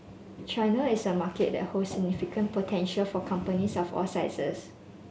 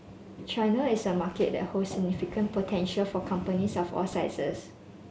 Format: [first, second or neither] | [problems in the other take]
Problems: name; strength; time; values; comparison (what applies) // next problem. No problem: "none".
first | background sound (Wind); 19 dB below the speech